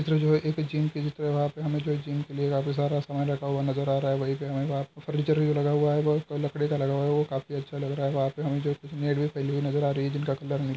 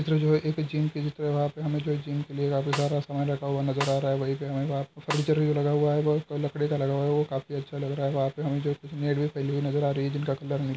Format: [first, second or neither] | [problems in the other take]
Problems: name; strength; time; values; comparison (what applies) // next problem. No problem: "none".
first | background sound (Snare drum); 10 dB below the speech